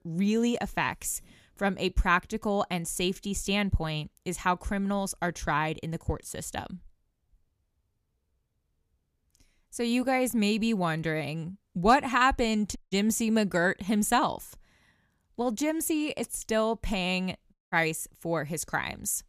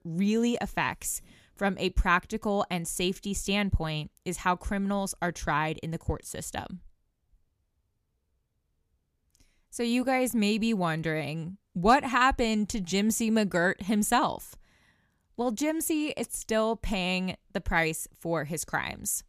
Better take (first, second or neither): second